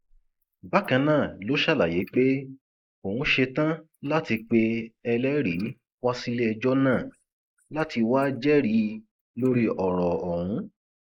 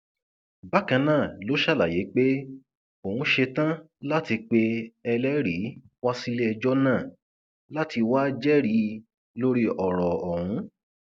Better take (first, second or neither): second